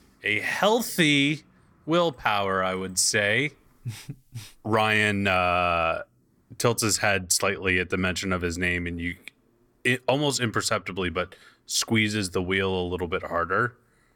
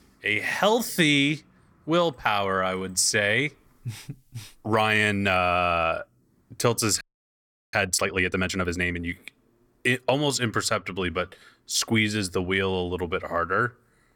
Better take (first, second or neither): first